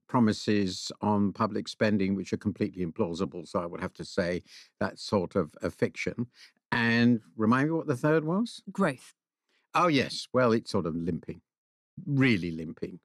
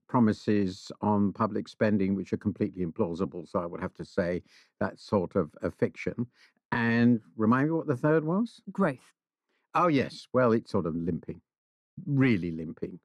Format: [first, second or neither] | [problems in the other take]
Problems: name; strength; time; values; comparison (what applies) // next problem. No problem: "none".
first | muffled; slightly; fading above 2.5 kHz